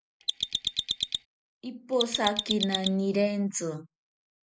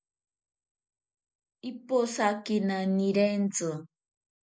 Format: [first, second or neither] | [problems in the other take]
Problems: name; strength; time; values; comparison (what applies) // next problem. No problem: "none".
second | background sound (Mechanisms); 1 dB below the speech